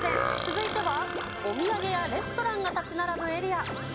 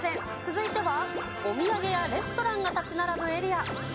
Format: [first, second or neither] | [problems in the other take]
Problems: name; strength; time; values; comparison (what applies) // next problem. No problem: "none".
second | background sound (Burping, eructation); 6 dB below the speech